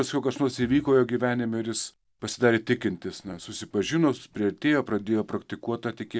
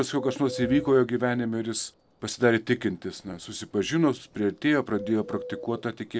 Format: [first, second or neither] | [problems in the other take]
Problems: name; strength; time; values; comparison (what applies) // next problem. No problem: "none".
first | background sound (Bird); 16 dB below the speech